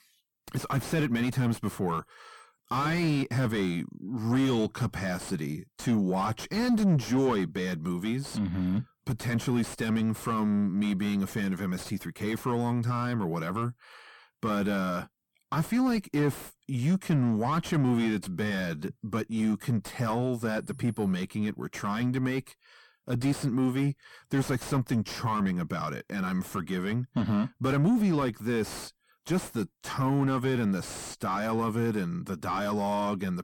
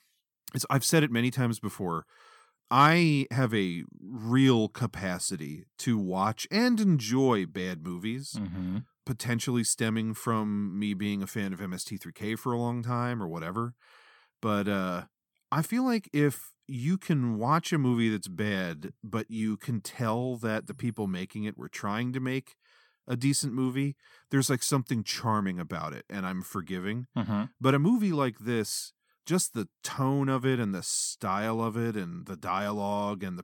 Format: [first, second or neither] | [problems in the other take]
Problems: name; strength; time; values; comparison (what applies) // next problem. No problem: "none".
second | distortion; heavy; 6 dB below the speech